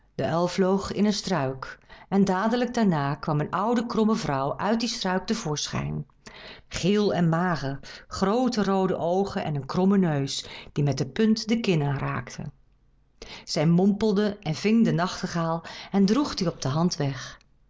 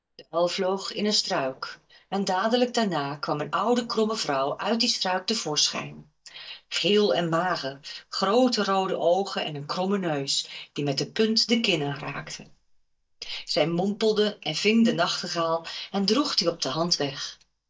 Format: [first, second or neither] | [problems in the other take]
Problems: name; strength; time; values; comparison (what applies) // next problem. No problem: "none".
first | noise reduction (neural mask model DeepFilterNet 3)